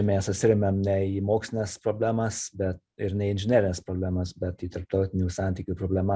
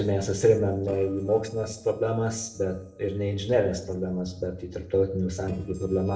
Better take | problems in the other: first | noise reduction (neural separator model SepFormer DNS4)

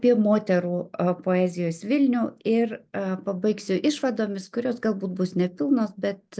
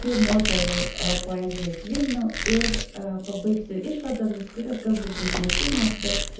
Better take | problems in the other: first | background sound (Squeak); 3 dB below the speech // room echo; dies away in 0.6 s

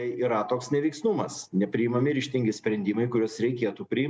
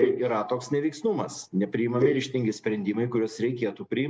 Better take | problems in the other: first | noise reduction (neural mask model Resemble Enhance denoiser)

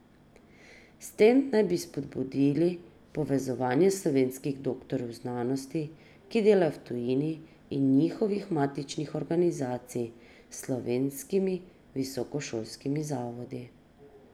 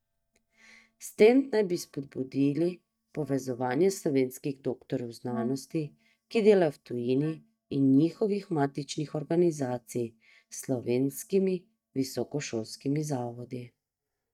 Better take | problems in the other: first | noise reduction (neural mask model DeepFilterNet 3)

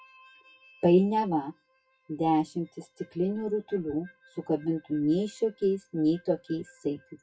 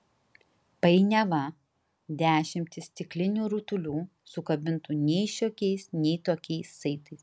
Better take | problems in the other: second | noise reduction (classical method WPE with log-MMSE)

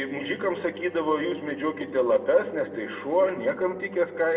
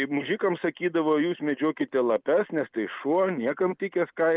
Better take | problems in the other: second | background sound (Wind instrument, woodwind instrument); 17 dB below the speech // room echo; dies away in 0.8 s

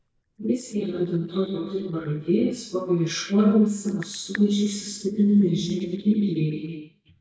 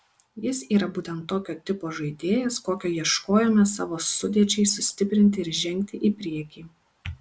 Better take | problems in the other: second | noise reduction (neural mask model DeepFilterNet 3)

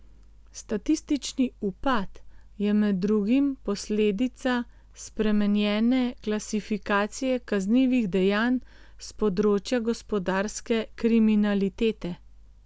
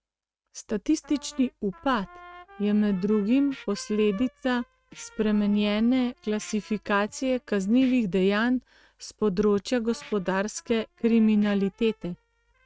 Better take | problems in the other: first | noise reduction (neural mask model RNNoise)

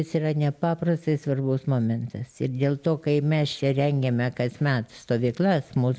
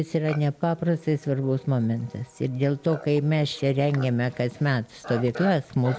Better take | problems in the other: first | background sound (Livestock, farm animals, working animals); 17 dB below the speech

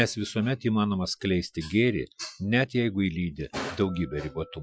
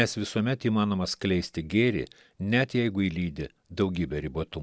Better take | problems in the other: second | noise reduction (classical method Wiener filter)

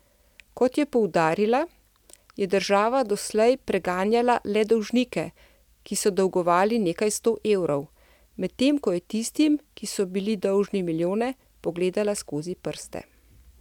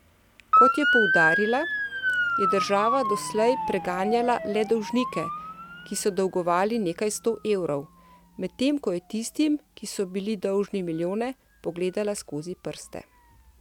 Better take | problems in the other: first | background sound (Motor vehicle (road) / Siren); 2 dB below the speech

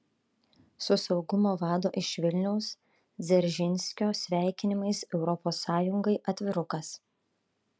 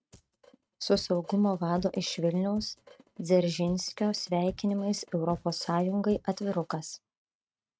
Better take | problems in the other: first | noise reduction (neural mask model RNNoise)

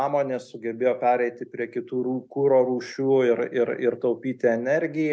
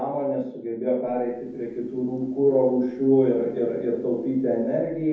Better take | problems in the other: first | background sound (Bird); 20 dB below the speech // room echo; dies away in 0.9 s

